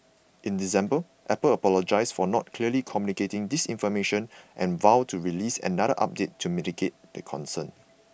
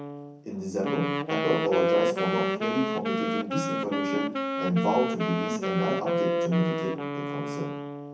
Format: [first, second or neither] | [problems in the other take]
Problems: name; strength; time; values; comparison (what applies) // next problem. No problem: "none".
first | background sound (Wind instrument, woodwind instrument); 1 dB above the speech // room echo; dies away in 0.6 s